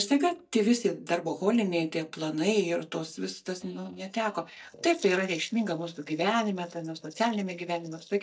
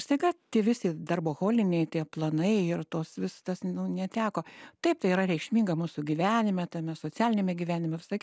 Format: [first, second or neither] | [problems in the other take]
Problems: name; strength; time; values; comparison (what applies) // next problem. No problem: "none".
second | noise reduction (neural mask model DeepFilterNet 3)